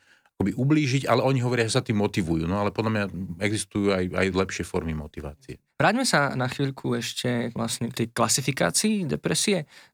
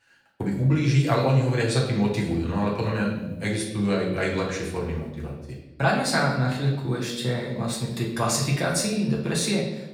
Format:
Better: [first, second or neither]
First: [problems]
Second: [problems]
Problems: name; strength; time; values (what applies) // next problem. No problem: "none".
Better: first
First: none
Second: off-mic speech; far // room echo; noticeable; dies away in 0.8 s